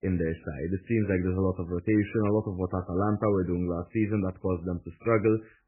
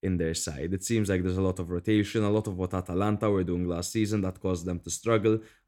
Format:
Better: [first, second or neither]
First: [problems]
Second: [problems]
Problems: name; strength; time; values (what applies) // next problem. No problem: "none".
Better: second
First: garbled, watery; badly; nothing above 2.5 kHz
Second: none